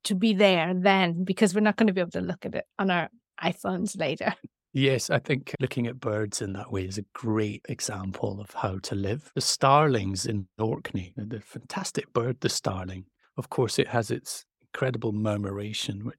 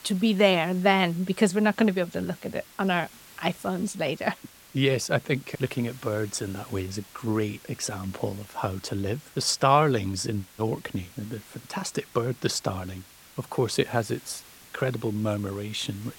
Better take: first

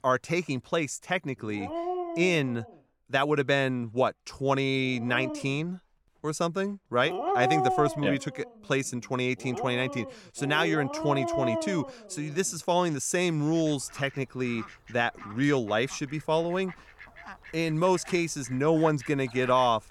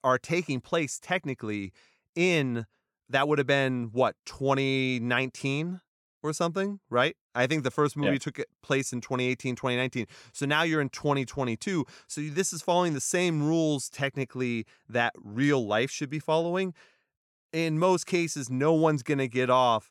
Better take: second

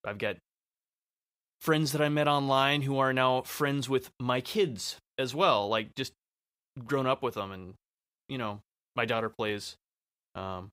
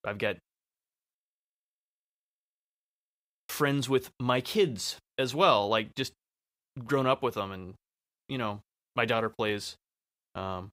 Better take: first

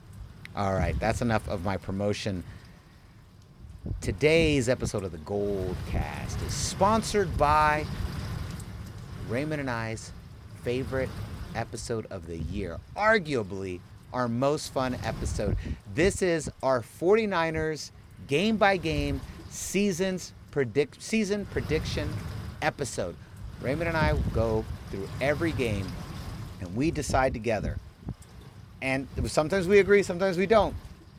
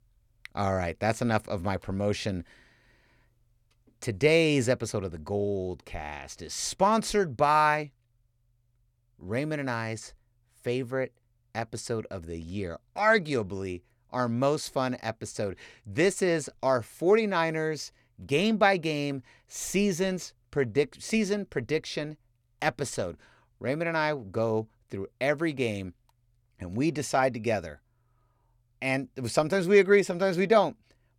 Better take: second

